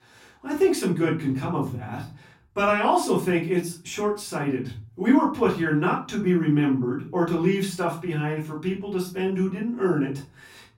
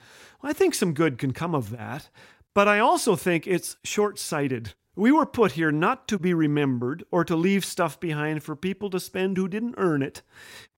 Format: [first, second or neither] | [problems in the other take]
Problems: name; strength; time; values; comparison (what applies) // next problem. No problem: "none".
second | off-mic speech; far // room echo; slight; dies away in 0.4 s